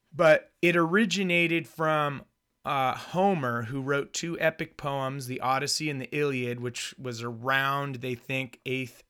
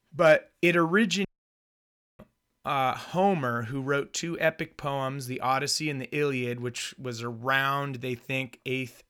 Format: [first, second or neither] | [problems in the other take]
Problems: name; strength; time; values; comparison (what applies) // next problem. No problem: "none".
first | audio cutting out; at 1.5 s for 1 s